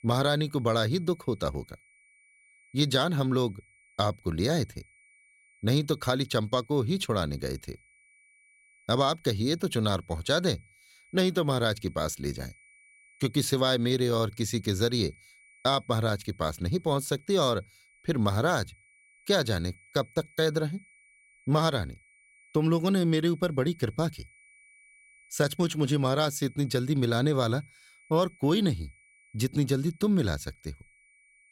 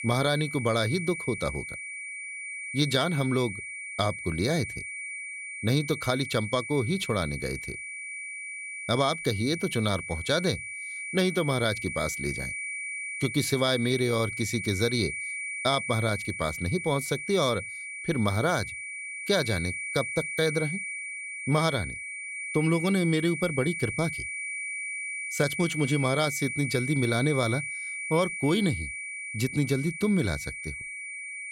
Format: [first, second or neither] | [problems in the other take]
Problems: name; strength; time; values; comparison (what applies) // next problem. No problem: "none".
first | high-pitched whine; loud; throughout; 2.5 kHz, 6 dB below the speech; faint in the first